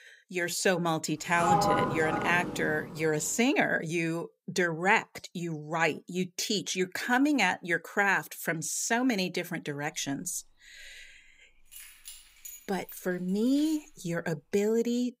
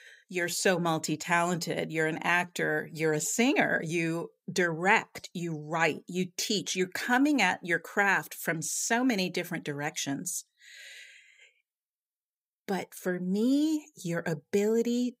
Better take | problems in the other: second | door banging; loud; from 1.5 to 3 s; peak 4 dB above the speech // jangling keys; faint; from 10 to 14 s; peak 15 dB below the speech

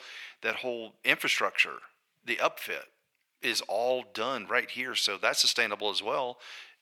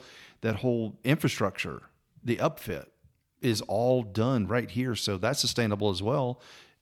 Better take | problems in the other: second | thin; very; fading below 600 Hz

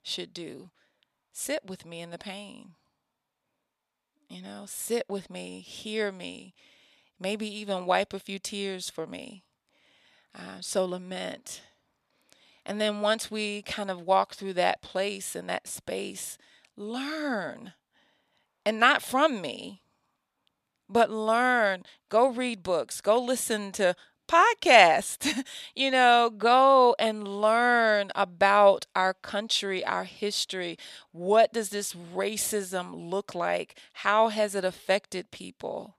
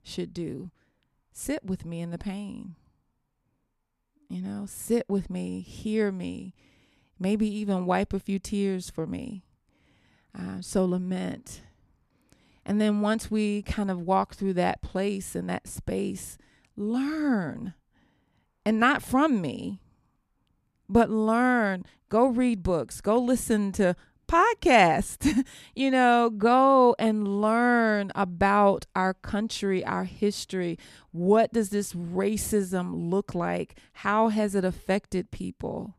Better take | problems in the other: second | thin; somewhat; fading below 850 Hz

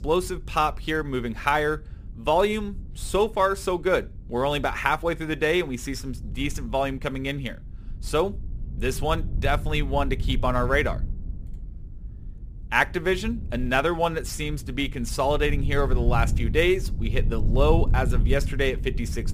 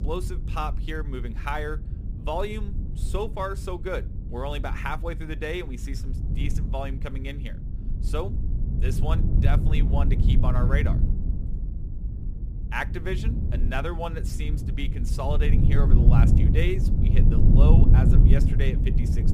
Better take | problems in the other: first | low rumble; loud; throughout; 4 dB below the speech; faint in the first

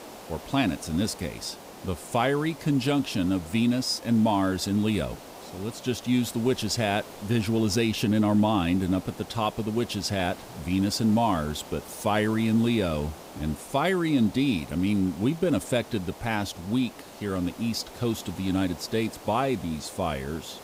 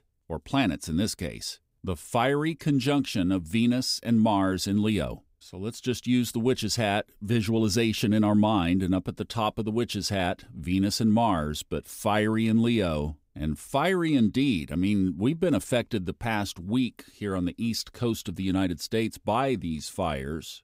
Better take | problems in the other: second | hiss; noticeable; throughout; 15 dB below the speech

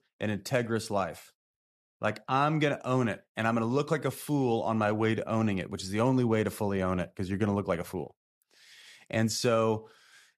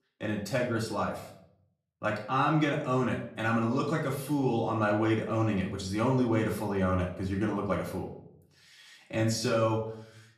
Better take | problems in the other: first | off-mic speech; far // room echo; slight; dies away in 0.5 s

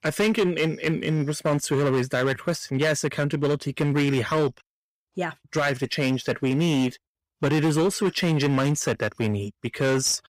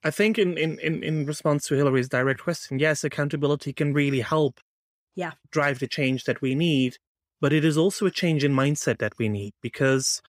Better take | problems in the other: second | distortion; slight; 11% of the sound clipped

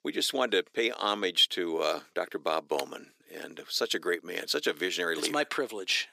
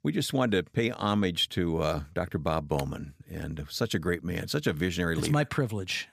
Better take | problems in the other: second | thin; somewhat; fading below 350 Hz

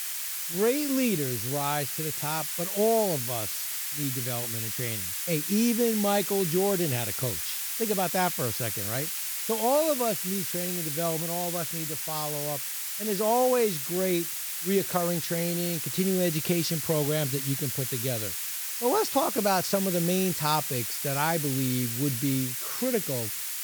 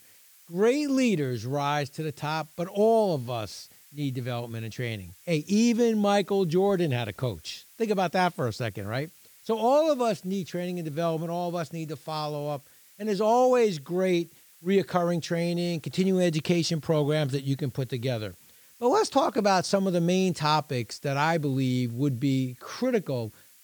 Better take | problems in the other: second | hiss; loud; throughout; 1 dB below the speech; faint in the second

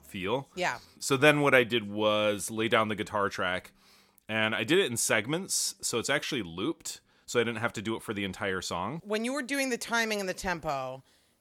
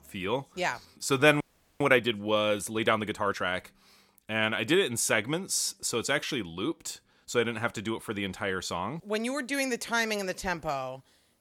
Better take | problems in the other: first | audio freezing; at 1.5 s

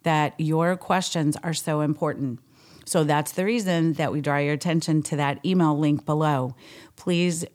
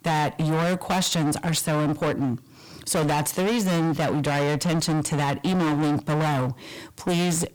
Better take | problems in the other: first | distortion; heavy; 35% of the sound clipped

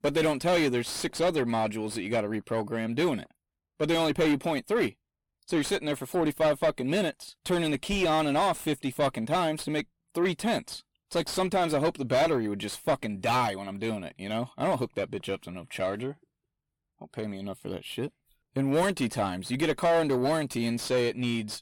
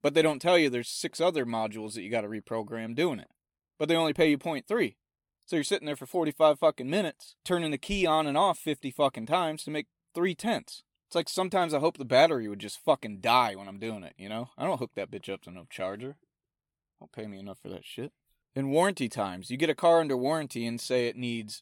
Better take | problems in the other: second | distortion; heavy; 7 dB below the speech

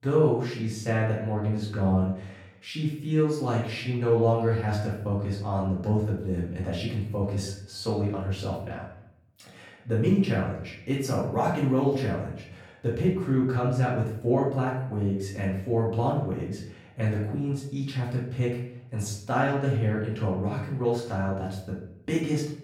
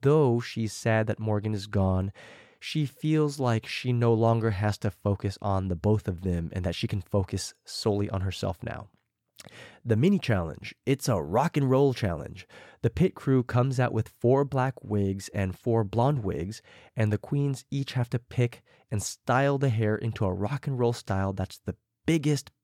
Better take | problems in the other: second | off-mic speech; far // room echo; noticeable; dies away in 0.6 s

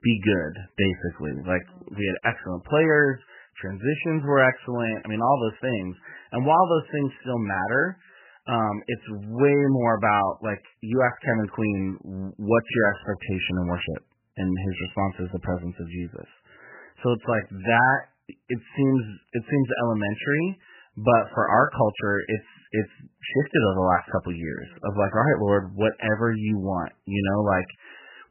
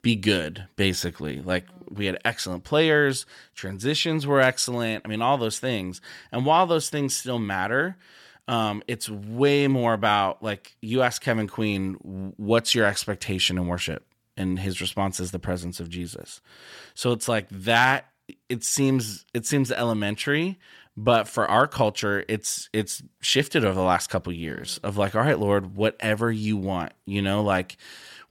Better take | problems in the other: second | garbled, watery; badly; nothing above 3 kHz

